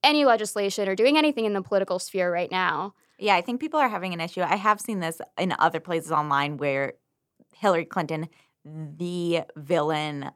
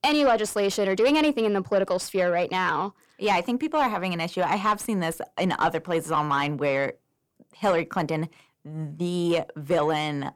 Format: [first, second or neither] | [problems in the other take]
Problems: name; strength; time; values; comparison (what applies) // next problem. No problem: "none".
first | distortion; slight; 10 dB below the speech